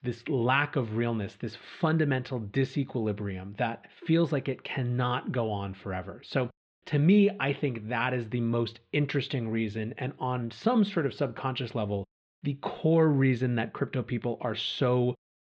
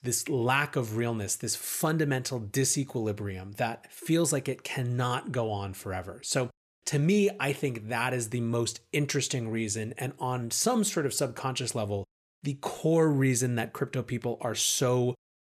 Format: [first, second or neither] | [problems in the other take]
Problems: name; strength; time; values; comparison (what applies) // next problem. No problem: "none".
second | muffled; very; fading above 3.5 kHz